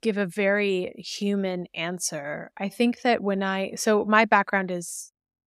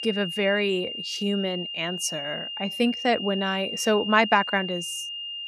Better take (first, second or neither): first